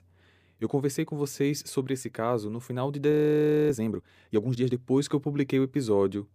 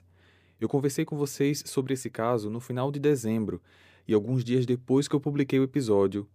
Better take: second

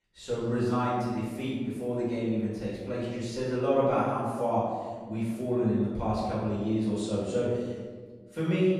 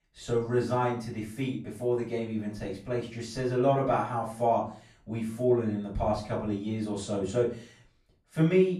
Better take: second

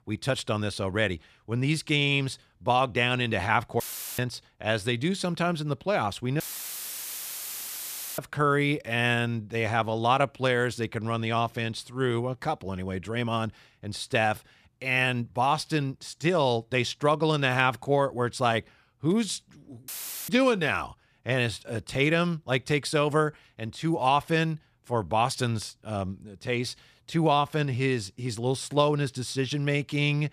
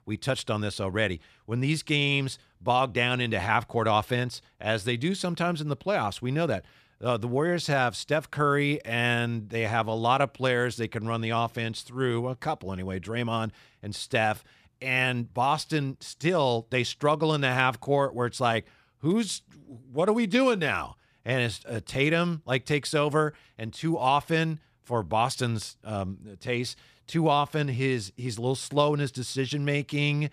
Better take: second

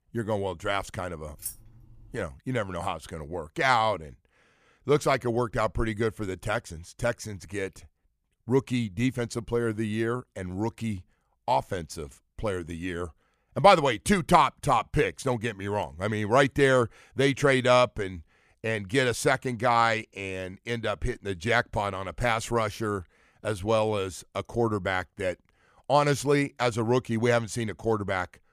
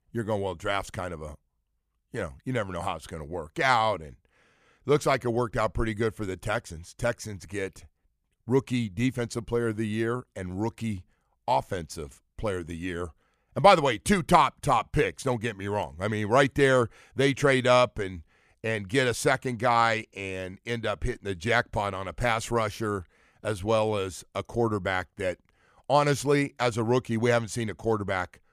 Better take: second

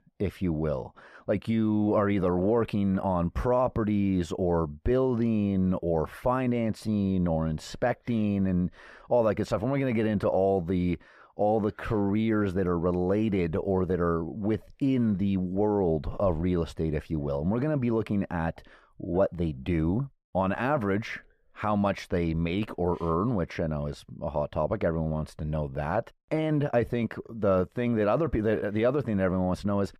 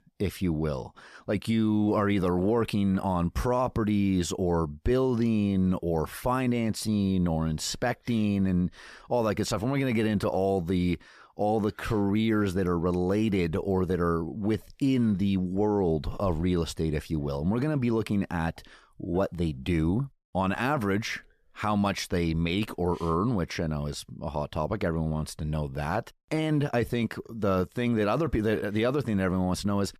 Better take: second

